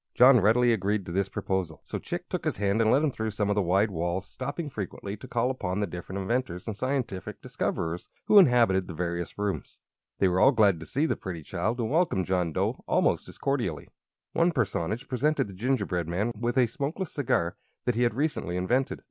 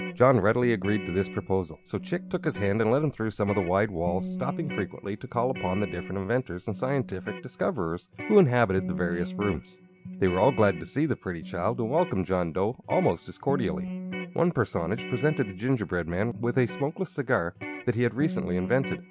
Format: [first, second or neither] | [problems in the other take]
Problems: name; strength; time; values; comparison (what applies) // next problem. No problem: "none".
first | background sound (Electric guitar); 11 dB below the speech